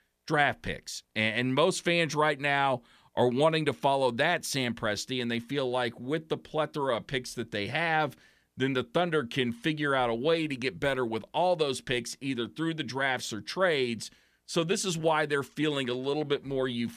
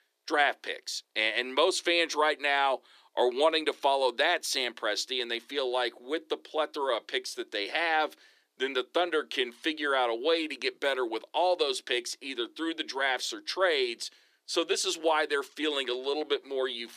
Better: first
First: none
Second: thin; somewhat; fading below 350 Hz

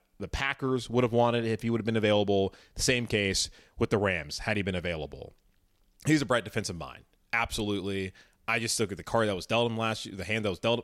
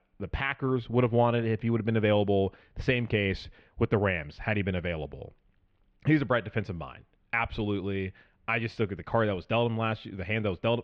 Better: first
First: none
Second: muffled; very; fading above 3 kHz

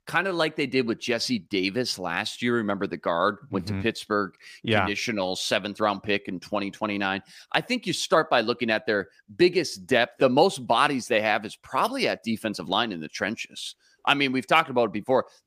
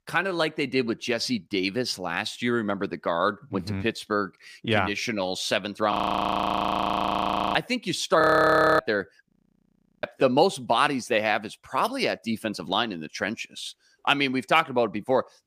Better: first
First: none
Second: audio freezing; at 6 s for 1.5 s, at 8 s for 0.5 s and at 9.5 s for 0.5 s

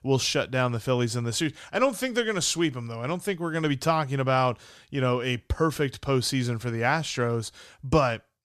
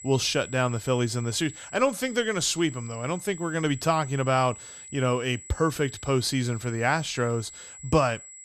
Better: first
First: none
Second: high-pitched whine; noticeable; throughout; 7.5 kHz, 15 dB below the speech

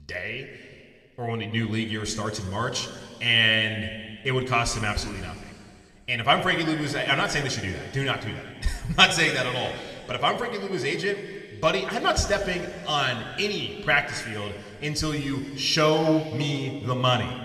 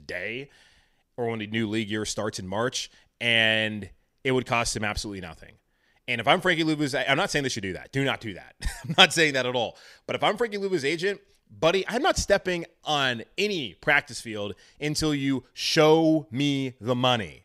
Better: second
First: room echo; slight; dies away in 2.4 s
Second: none

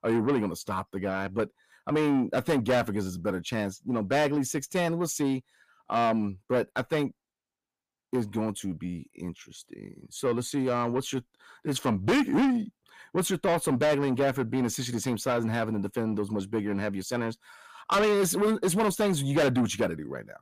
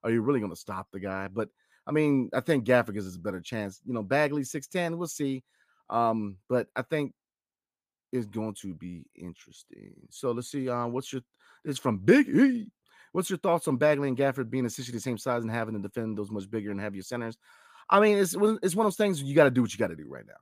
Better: second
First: distortion; heavy; 6 dB below the speech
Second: none

